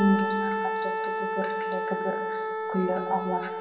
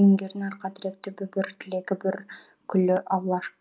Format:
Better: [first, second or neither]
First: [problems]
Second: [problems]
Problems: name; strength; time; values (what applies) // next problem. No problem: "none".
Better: second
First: background sound (Wind instrument, woodwind instrument); as loud as the speech // room echo; dies away in 1.4 s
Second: none